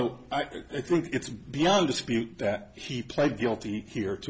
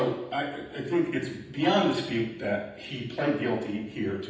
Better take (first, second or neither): first